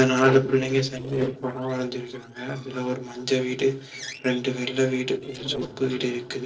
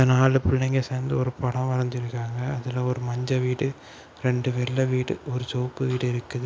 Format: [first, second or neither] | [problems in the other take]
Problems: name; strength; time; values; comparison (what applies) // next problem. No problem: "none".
second | noise reduction (neural separator model SepFormer DNS4)